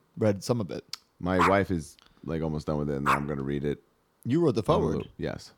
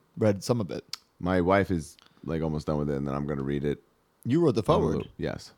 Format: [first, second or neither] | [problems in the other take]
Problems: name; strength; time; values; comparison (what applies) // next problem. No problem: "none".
second | dog barking; loud; from 1.5 to 3 s; peak 1 dB above the speech